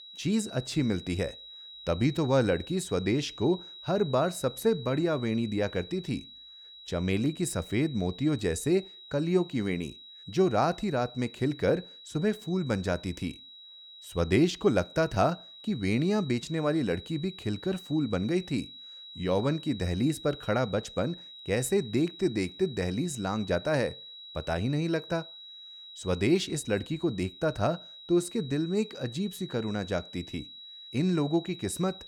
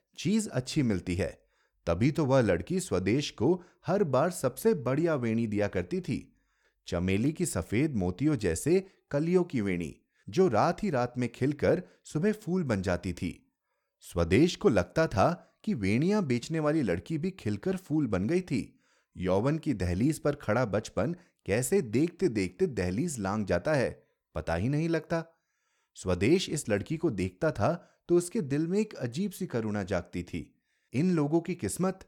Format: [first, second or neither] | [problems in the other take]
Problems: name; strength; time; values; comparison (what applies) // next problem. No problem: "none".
second | high-pitched whine; noticeable; throughout; 4 kHz, 15 dB below the speech